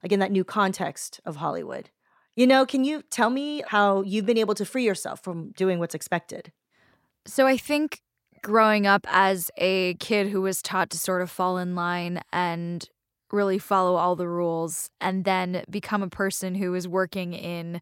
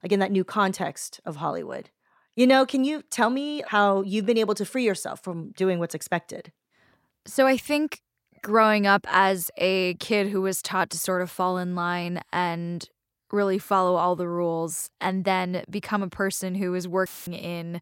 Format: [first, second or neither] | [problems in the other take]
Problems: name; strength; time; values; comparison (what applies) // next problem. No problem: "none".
first | audio cutting out; filled with static; at 17 s